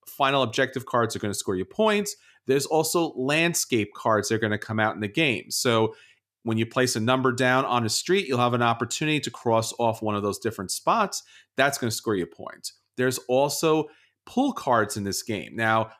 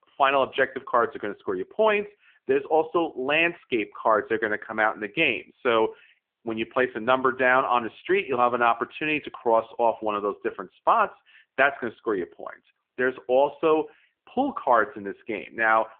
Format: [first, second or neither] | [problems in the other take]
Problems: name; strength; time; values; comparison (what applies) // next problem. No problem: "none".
first | phone-call audio; poor line